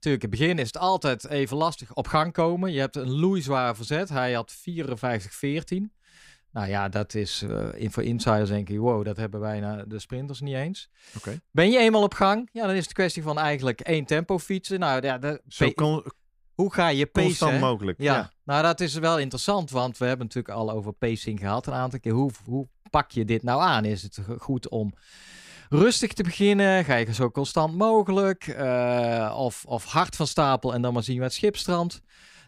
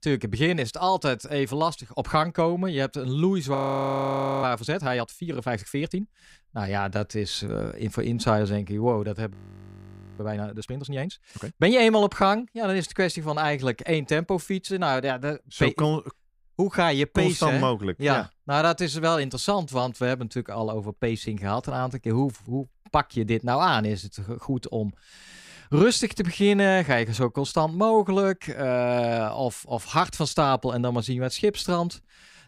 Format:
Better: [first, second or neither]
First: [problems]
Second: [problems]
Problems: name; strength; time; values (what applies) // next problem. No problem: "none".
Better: first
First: none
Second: audio freezing; at 3.5 s for 1 s and at 9.5 s for 1 s